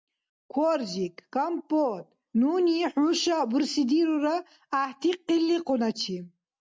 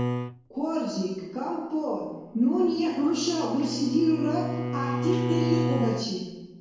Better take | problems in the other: first | background sound (Bowed string instrument); 5 dB below the speech // room echo; dies away in 1 s

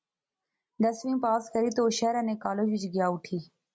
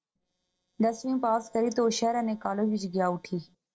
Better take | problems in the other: first | noise reduction (neural separator model SepFormer DNS4)

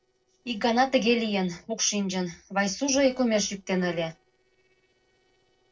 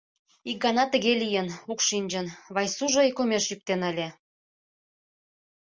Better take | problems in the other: second | noise reduction (neural separator model SepFormer DNS4)

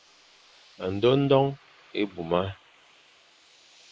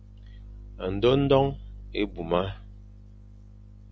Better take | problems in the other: second | noise reduction (neural mask model Resemble Enhance denoiser)

